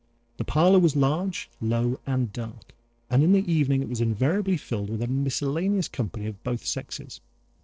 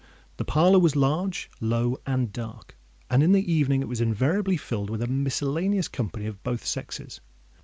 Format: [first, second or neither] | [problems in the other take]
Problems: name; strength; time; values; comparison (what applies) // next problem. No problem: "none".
second | noise reduction (neural separator model SepFormer DNS4)